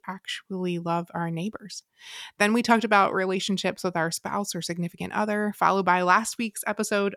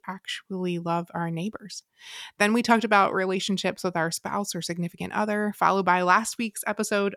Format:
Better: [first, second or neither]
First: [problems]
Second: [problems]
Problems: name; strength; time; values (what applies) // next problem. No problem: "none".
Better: neither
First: none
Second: none